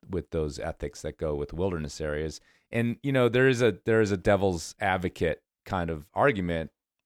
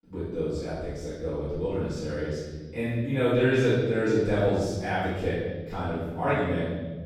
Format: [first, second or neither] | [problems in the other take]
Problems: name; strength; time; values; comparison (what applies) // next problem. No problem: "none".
first | off-mic speech; far // room echo; strong; dies away in 1.5 s